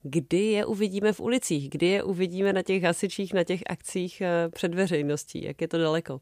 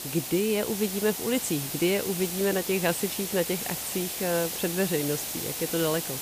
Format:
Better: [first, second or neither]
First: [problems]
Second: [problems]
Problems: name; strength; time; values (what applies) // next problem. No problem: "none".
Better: first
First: none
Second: hiss; loud; throughout; 3 dB below the speech